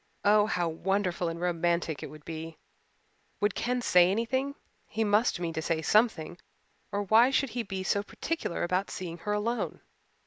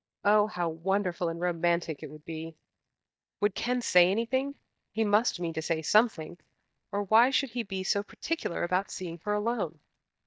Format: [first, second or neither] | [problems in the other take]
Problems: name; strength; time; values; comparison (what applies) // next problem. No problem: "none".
first | noise reduction (neural mask model DeepFilterNet 3)